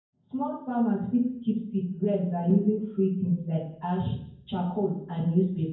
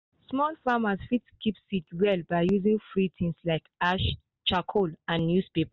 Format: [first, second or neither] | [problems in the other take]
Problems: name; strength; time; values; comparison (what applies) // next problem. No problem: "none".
second | room echo; dies away in 0.9 s